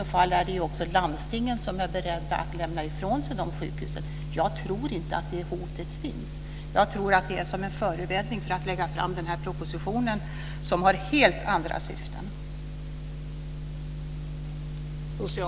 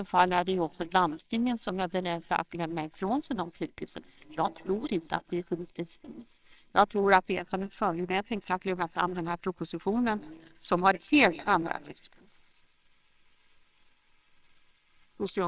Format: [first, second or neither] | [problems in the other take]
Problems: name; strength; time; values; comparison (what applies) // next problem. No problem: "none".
first | noise reduction (neural separator model SepFormer WHAMR!)